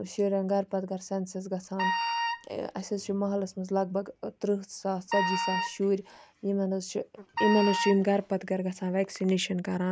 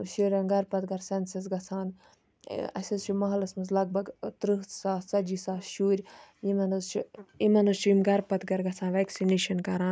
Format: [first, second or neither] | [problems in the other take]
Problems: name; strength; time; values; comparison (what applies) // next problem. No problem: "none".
second | background sound (Wind instrument, woodwind instrument); 2 dB below the speech